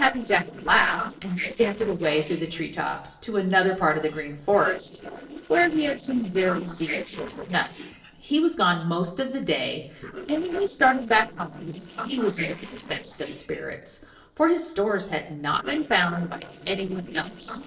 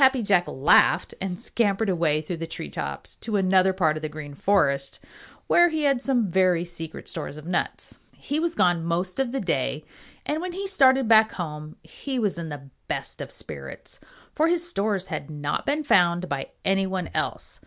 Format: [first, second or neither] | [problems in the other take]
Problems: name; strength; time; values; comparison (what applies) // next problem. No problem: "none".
second | noise reduction (neural separator model SepFormer DNS4)